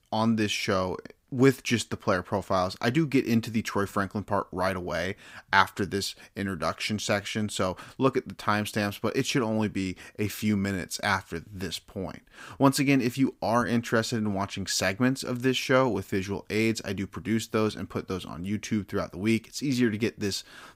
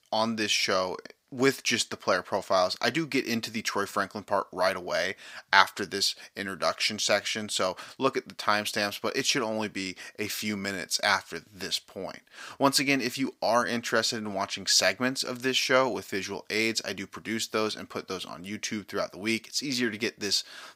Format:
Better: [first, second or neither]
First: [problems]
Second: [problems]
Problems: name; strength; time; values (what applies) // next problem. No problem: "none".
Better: first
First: none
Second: thin; somewhat; fading below 500 Hz